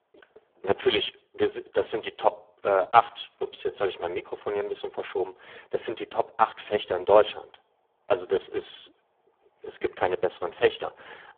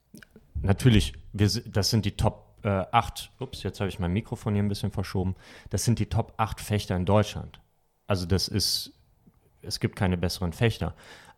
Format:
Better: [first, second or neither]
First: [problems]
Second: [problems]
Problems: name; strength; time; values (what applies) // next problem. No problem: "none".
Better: second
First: phone-call audio; poor line; nothing above 3.5 kHz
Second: none